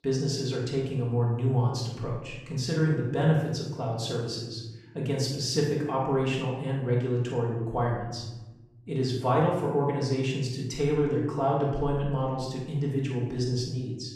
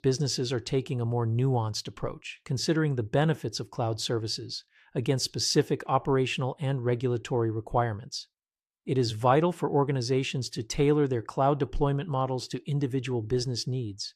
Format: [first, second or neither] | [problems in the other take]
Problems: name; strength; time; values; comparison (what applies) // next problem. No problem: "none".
second | off-mic speech; far // room echo; noticeable; dies away in 1 s